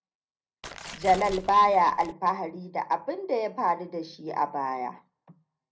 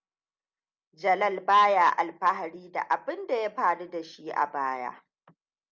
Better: second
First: background sound (Tearing); 14 dB below the speech // room echo; dies away in 0.4 s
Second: none

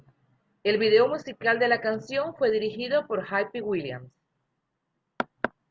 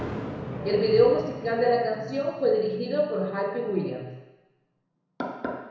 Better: first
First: none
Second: background sound (Thunder); 13 dB below the speech // room echo; dies away in 1 s

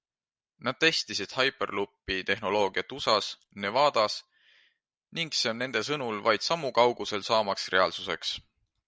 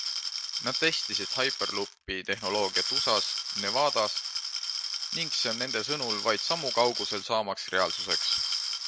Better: first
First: none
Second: background sound (Glass); 1 dB below the speech

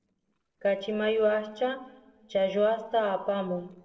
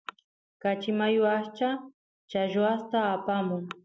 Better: second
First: noise reduction (neural separator model SepFormer DNS4)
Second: none

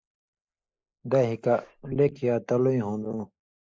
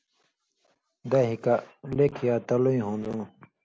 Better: second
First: noise reduction (neural mask model Resemble Enhance denoiser)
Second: none

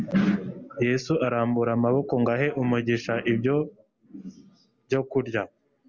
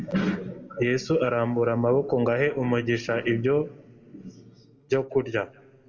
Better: first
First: none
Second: room echo; dies away in 2.2 s

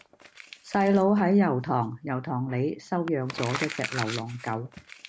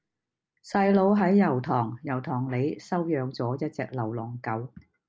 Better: second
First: background sound (Crumpling, crinkling); 13 dB below the speech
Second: none

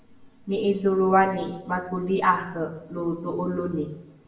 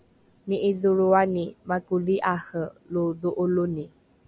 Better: second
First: room echo; dies away in 0.7 s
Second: none

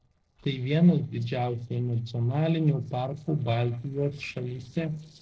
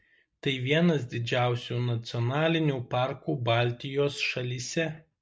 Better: second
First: noise reduction (neural separator model SepFormer DNS4)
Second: none

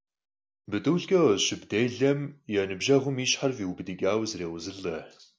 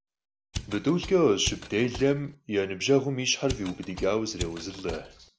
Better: first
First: none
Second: background sound (Mechanisms); 11 dB below the speech

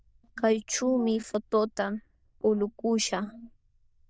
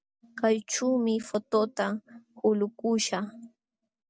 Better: second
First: noise reduction (neural diffusion model UNIVERSE++)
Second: none

